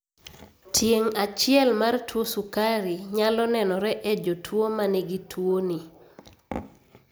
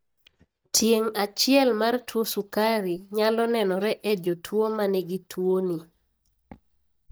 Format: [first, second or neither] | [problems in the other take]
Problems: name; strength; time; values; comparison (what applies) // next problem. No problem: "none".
first | noise reduction (neural mask model DeepFilterNet 3)